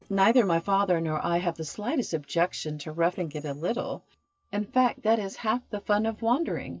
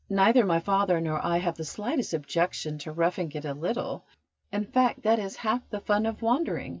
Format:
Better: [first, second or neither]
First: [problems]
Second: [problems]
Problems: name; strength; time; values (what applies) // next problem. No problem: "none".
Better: second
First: noise reduction (neural separator model SepFormer DNS4)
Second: none